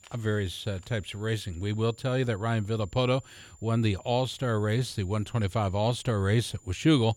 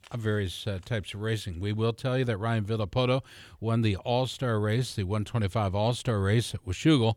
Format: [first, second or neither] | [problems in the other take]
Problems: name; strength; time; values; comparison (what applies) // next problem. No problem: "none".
second | high-pitched whine; faint; throughout; 7 kHz, 25 dB below the speech